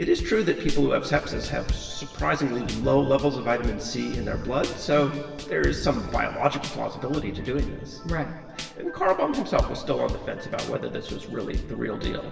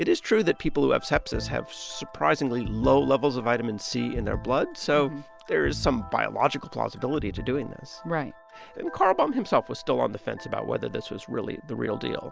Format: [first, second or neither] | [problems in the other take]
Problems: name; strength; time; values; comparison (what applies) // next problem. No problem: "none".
second | background sound (Drum / Drum kit); 10 dB below the speech // room echo; dies away in 1.9 s